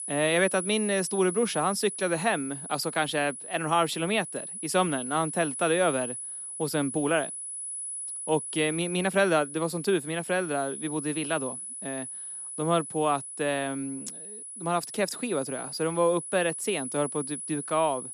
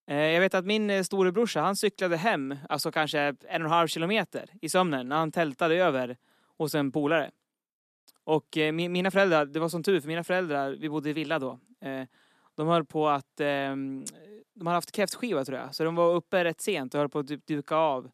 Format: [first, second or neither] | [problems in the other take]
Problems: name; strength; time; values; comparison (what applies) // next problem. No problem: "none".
second | high-pitched whine; loud; throughout; 10 kHz, 7 dB below the speech